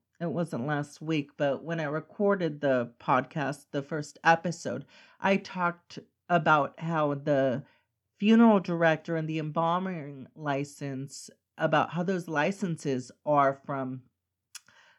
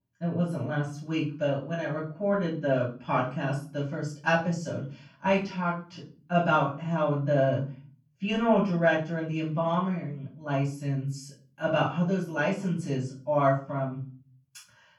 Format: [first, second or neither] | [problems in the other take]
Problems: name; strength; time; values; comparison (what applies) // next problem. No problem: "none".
first | off-mic speech; far // room echo; slight; dies away in 0.4 s